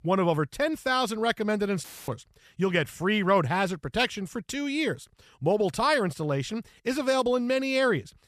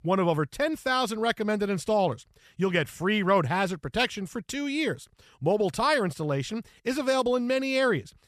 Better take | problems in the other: second | audio cutting out; filled with static; at 2 s

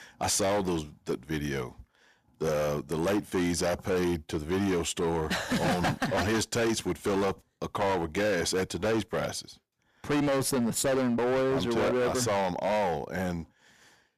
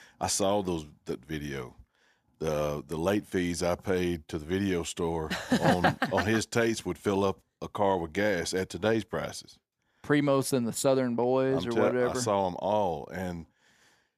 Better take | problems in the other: second | distortion; heavy; 18% of the sound clipped

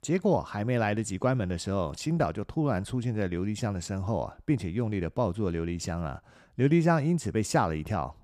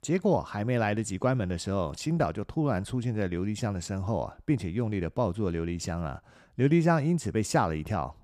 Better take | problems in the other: neither | none

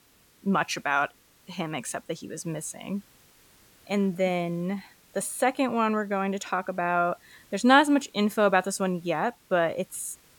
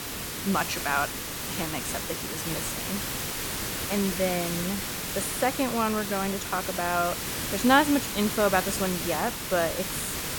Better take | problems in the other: first | hiss; loud; throughout; 2 dB below the speech; faint in the first

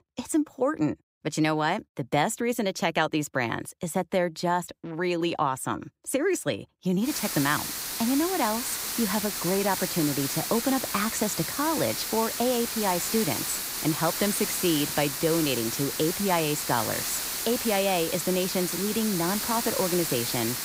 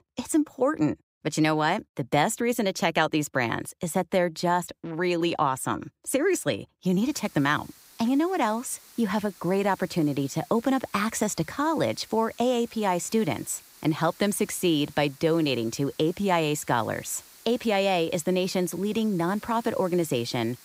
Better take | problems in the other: second | hiss; loud; from 7 s on; 2 dB below the speech; faint in the second

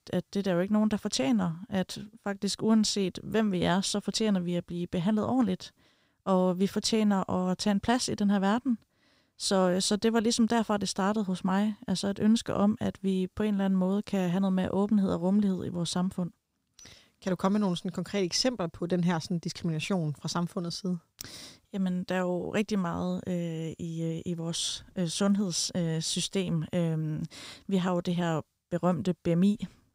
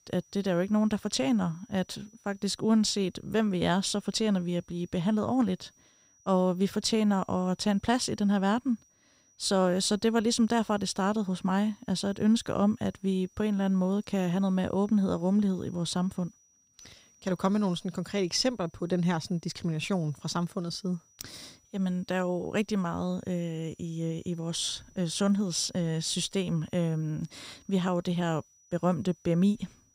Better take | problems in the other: first | high-pitched whine; faint; throughout; 6 kHz, 30 dB below the speech

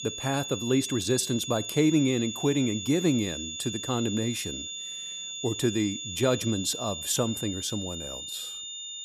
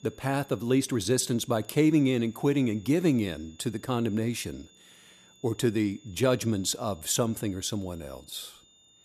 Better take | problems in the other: second | high-pitched whine; loud; throughout; 3.5 kHz, 6 dB below the speech; faint in the second

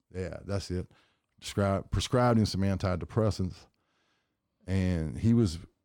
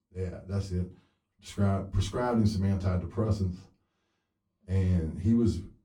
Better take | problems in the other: first | off-mic speech; far // room echo; very slight; dies away in 0.2 s

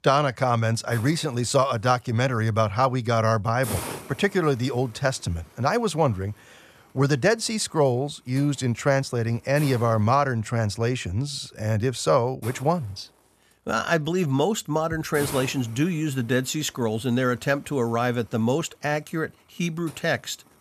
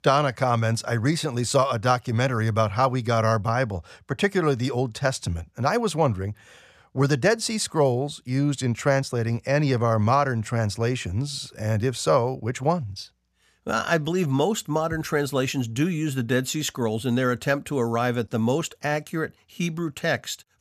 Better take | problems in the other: second | hiss; noticeable; throughout; 15 dB below the speech

